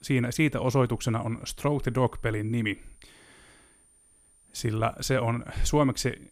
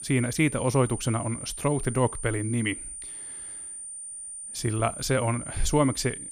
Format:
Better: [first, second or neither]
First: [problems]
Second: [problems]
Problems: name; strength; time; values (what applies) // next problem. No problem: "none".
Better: first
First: high-pitched whine; faint; throughout; 9 kHz, 30 dB below the speech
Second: high-pitched whine; loud; throughout; 9 kHz, 9 dB below the speech